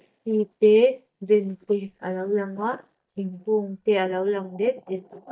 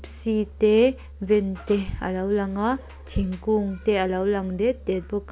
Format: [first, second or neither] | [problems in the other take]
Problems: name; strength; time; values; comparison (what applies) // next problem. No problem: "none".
second | noise reduction (neural mask model DeepFilterNet 3)